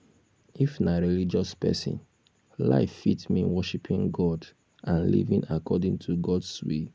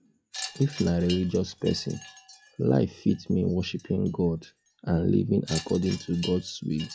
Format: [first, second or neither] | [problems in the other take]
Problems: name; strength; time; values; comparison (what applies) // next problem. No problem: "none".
first | noise reduction (classical method log-MMSE)